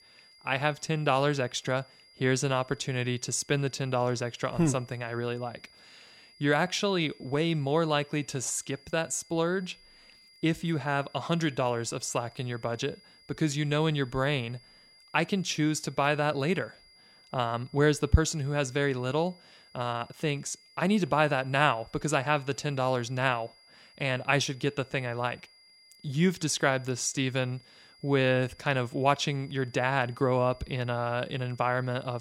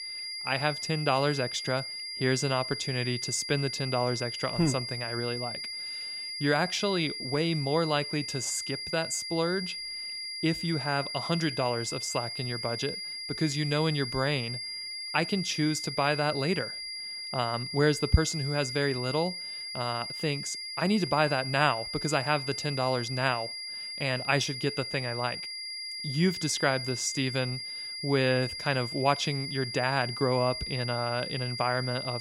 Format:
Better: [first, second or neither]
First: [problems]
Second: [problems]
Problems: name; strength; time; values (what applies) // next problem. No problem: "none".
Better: first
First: high-pitched whine; faint; throughout; 5 kHz, 25 dB below the speech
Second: high-pitched whine; loud; throughout; 5 kHz, 5 dB below the speech